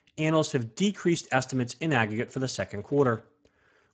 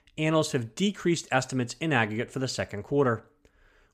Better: second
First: garbled, watery; badly; nothing above 7.5 kHz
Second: none

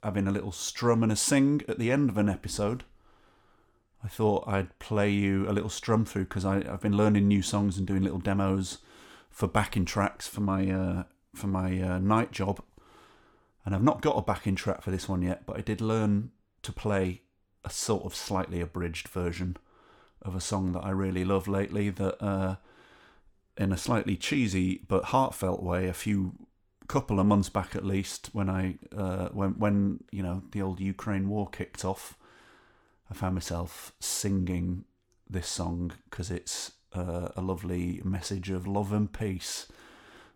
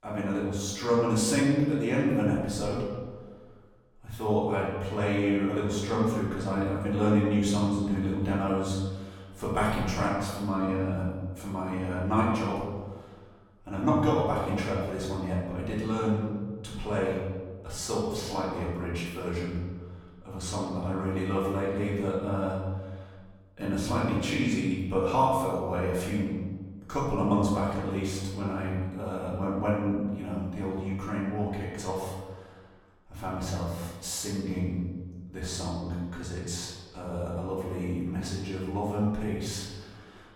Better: first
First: none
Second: room echo; noticeable; dies away in 1.2 s // off-mic speech; far

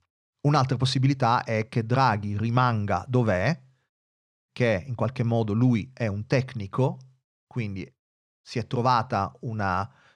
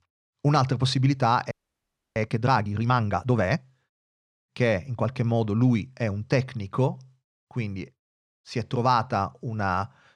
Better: first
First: none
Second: audio freezing; at 1.5 s for 0.5 s

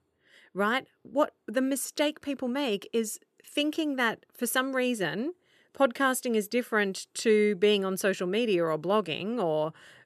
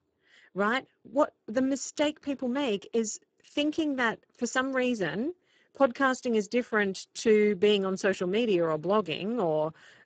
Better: first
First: none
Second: garbled, watery; badly; nothing above 7.5 kHz

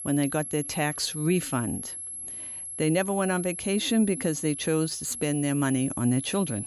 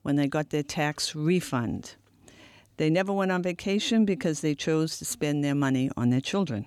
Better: second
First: high-pitched whine; loud; throughout; 11 kHz, 7 dB below the speech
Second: none

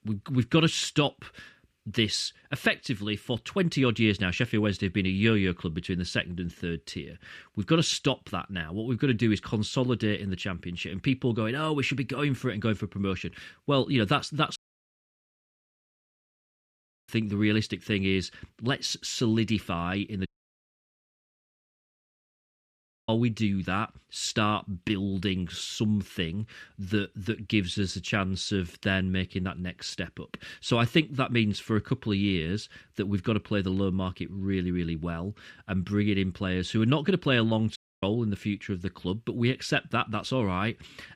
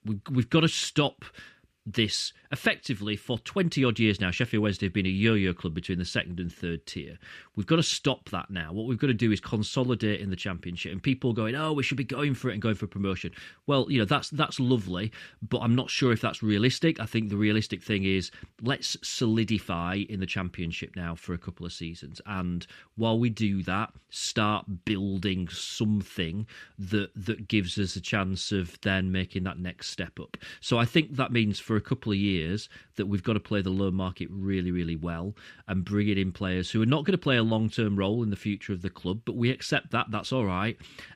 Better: second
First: audio cutting out; at 15 s for 2.5 s, at 20 s for 3 s and at 38 s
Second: none

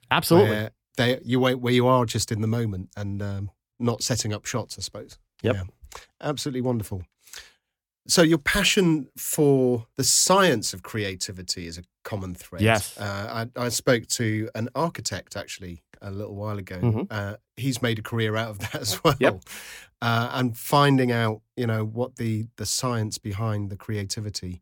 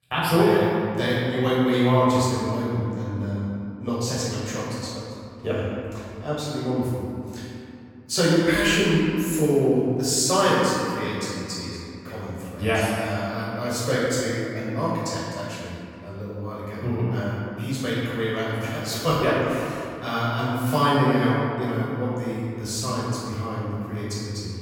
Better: first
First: none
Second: off-mic speech; far // room echo; strong; dies away in 2.4 s

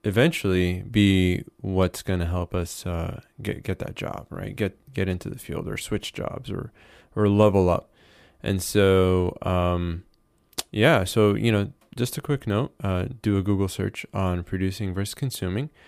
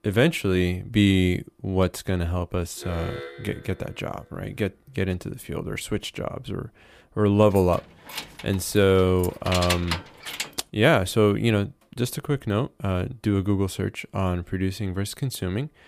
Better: first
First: none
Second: alarm; faint; from 3 to 4 s; peak 10 dB below the speech // jangling keys; noticeable; from 7.5 to 10 s; peak 1 dB below the speech

